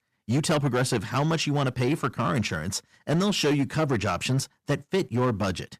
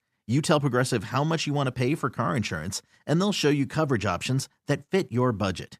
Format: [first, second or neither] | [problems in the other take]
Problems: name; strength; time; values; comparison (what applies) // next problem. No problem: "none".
second | distortion; slight; 9% of the sound clipped